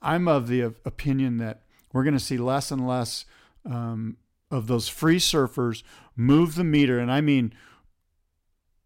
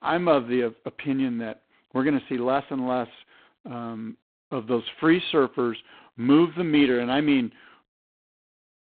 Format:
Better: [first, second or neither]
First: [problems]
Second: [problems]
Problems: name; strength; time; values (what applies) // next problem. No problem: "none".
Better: first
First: none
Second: phone-call audio; poor line; nothing above 3.5 kHz